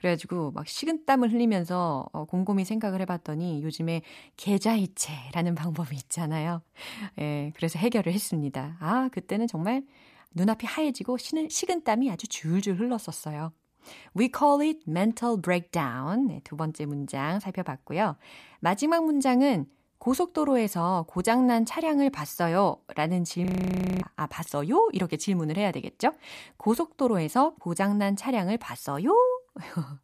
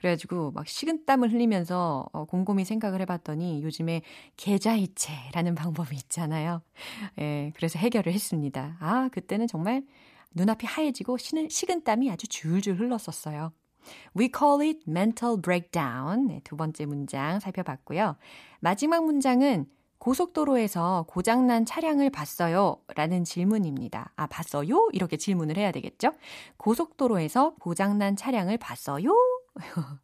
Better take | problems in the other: second | audio freezing; at 23 s for 0.5 s

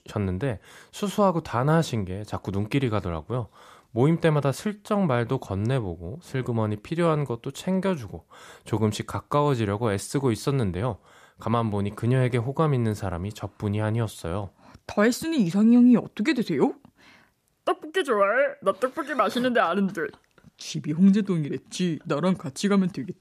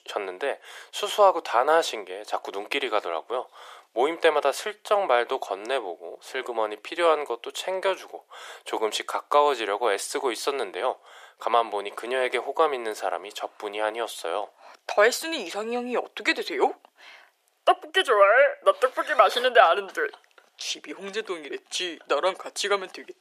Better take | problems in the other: first | thin; very; fading below 400 Hz

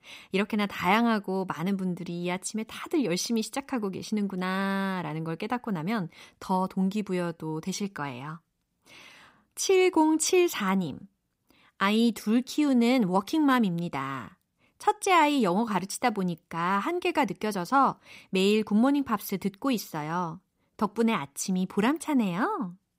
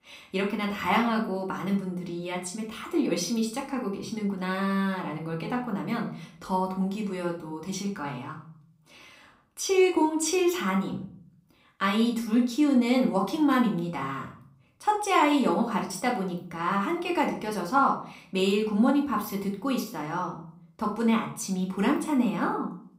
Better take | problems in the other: first | room echo; slight; dies away in 0.4 s // off-mic speech; somewhat distant

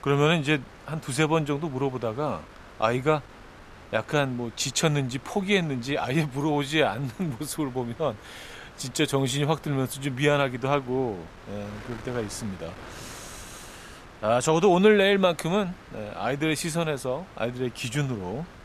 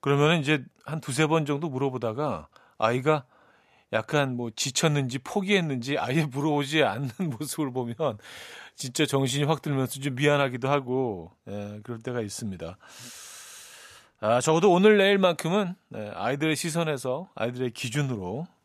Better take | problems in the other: second | wind noise on the microphone; occasional gusts; 20 dB below the speech

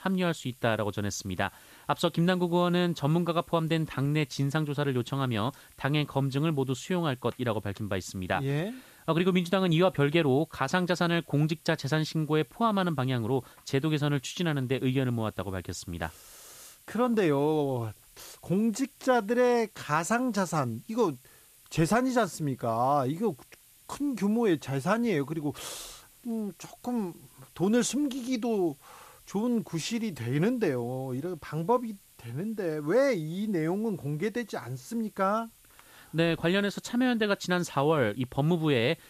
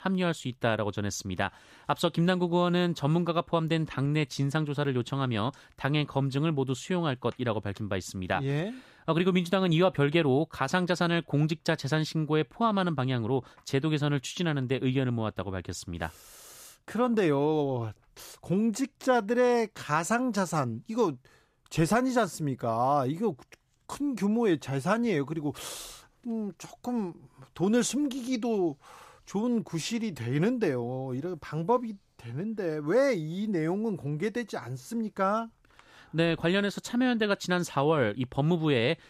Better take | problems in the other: second | hiss; faint; throughout; 25 dB below the speech

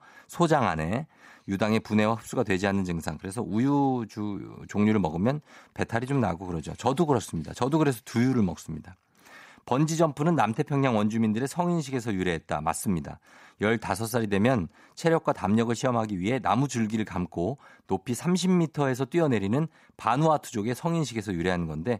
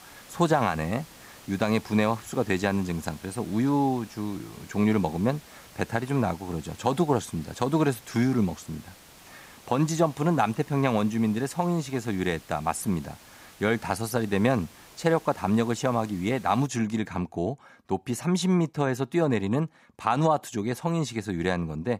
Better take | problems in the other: first | hiss; faint; until 17 s; 20 dB below the speech

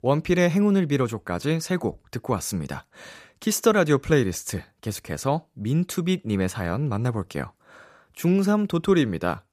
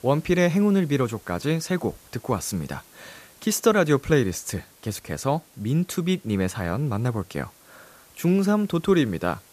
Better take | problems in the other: first | hiss; faint; throughout; 25 dB below the speech

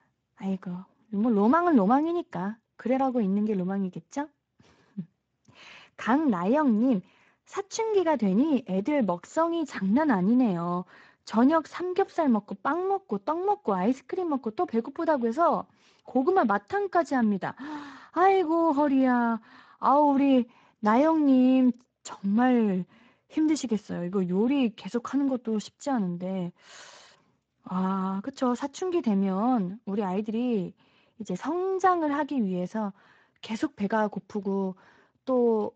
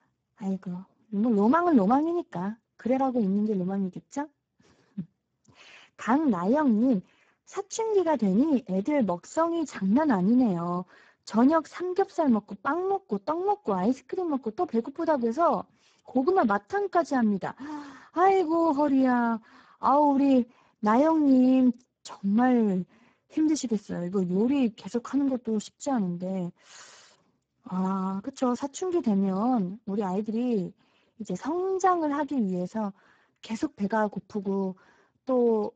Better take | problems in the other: first | garbled, watery; badly; nothing above 7.5 kHz; slightly in the first

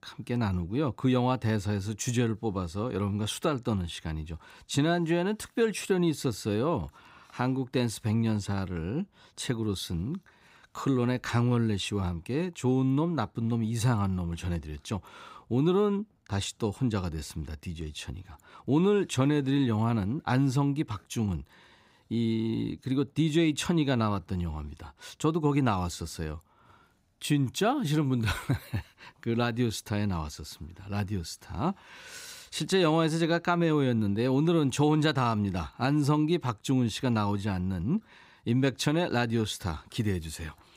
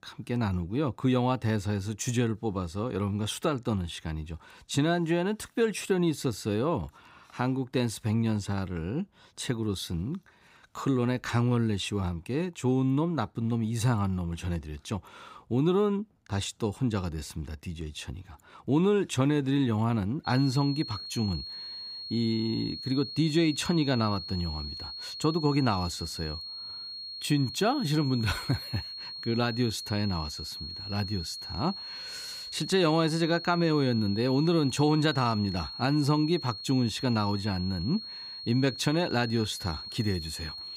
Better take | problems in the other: first | high-pitched whine; loud; from 20 s on; 4.5 kHz, 8 dB below the speech

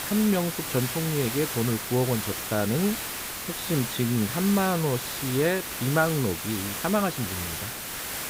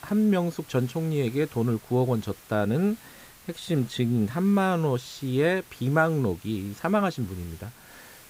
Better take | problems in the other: second | hiss; loud; throughout; 4 dB below the speech; faint in the second

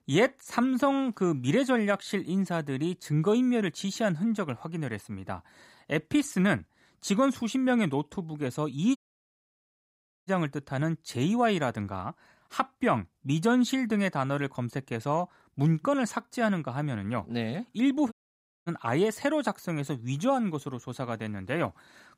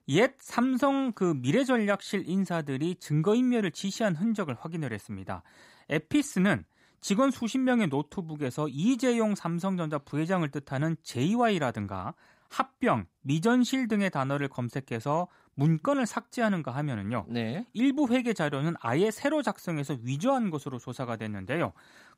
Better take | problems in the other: second | audio cutting out; at 9 s for 1.5 s and at 18 s for 0.5 s

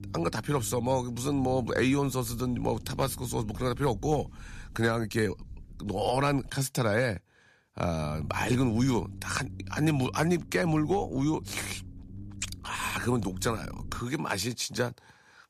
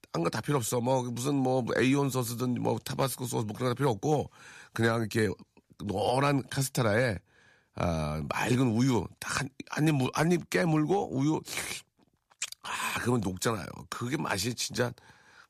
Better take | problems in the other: second | low rumble; faint; until 6.5 s and from 8 to 14 s; 25 dB below the speech

